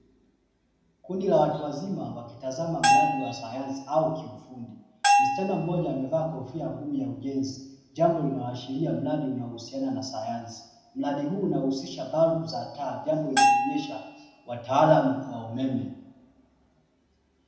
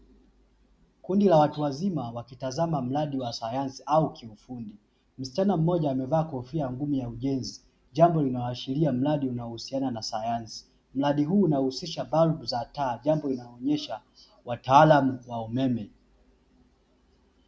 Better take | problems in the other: second | background sound (Bell); 3 dB above the speech // room echo; dies away in 0.8 s

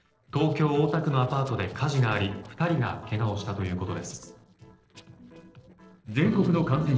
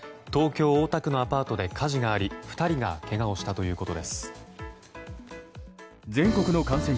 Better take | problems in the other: second | noise reduction (neural separator model SepFormer DNS4)

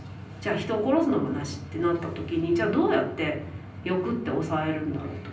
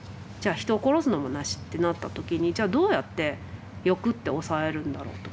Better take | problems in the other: second | room echo; dies away in 0.6 s

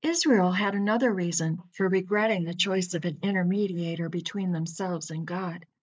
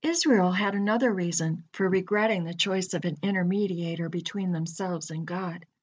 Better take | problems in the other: second | noise reduction (neural mask model Resemble Enhance denoiser)

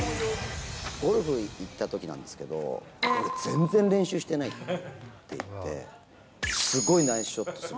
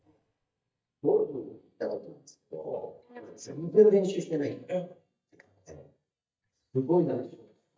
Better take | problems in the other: first | noise reduction (neural mask model DeepFilterNet 3)

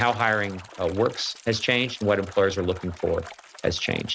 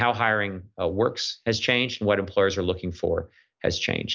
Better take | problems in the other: second | noise reduction (neural mask model RNNoise)

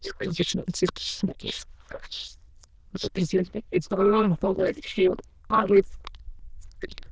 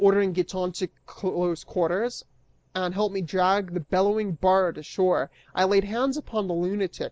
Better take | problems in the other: second | noise reduction (neural diffusion model UNIVERSE++)

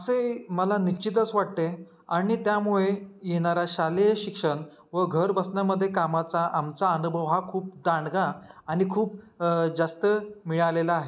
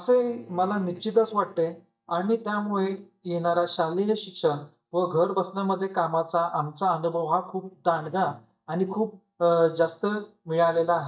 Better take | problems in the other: first | noise reduction (neural mask model DeepFilterNet 3)

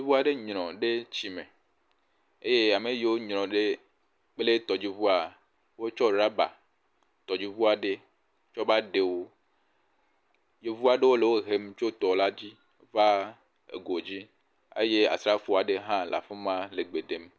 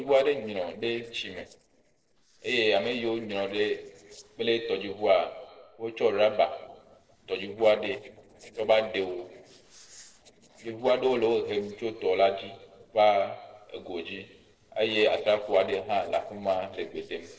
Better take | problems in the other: first | noise reduction (neural separator model SepFormer DNS4)

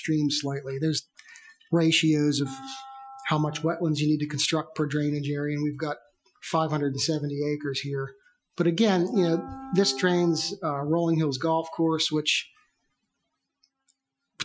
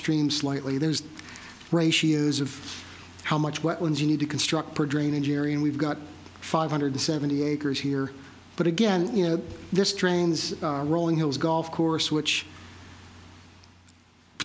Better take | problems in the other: second | noise reduction (classical method Wiener filter)

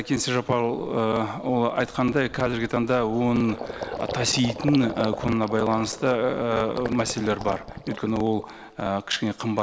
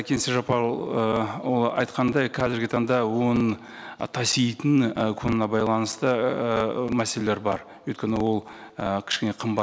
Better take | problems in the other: second | background sound (Gurgling); 13 dB below the speech

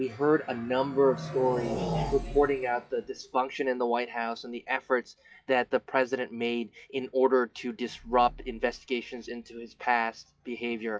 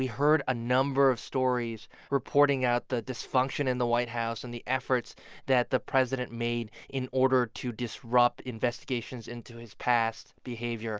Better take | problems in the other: second | noise reduction (classical method WPE with log-MMSE)

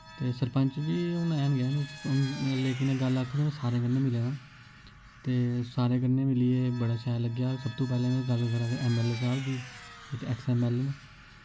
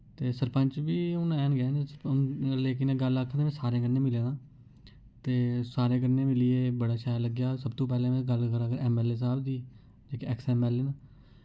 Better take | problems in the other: second | background sound (Vehicle); 19 dB below the speech

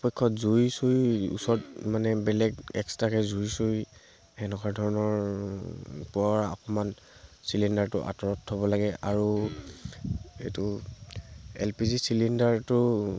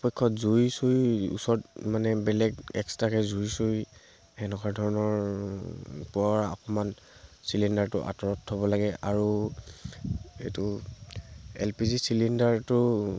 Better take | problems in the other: second | background sound (Cough); 19 dB below the speech

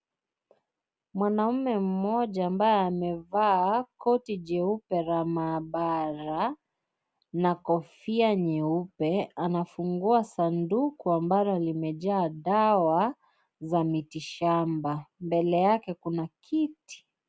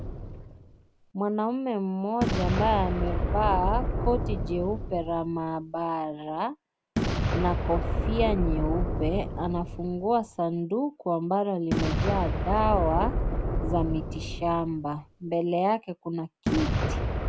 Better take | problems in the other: first | background sound (Boom); 1 dB below the speech

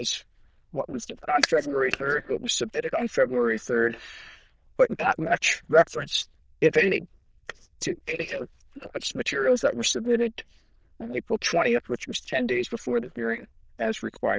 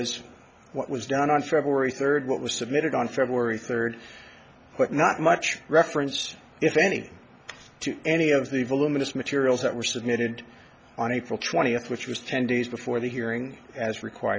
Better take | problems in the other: second | noise reduction (neural diffusion model UNIVERSE++)

